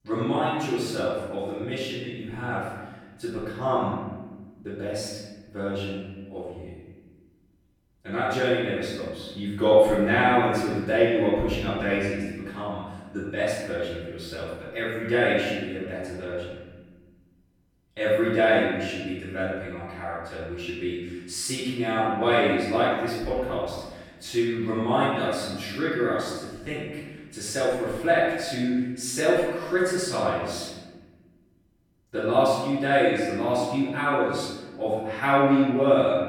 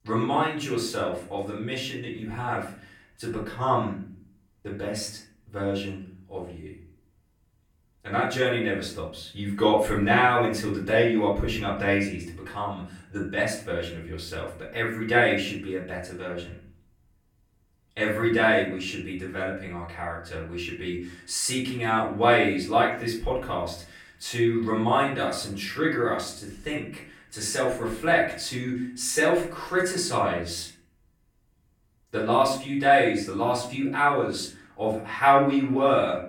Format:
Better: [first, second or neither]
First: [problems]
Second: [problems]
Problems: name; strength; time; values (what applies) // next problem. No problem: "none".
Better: second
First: room echo; strong; dies away in 1.4 s // off-mic speech; far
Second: room echo; slight; dies away in 0.5 s // off-mic speech; far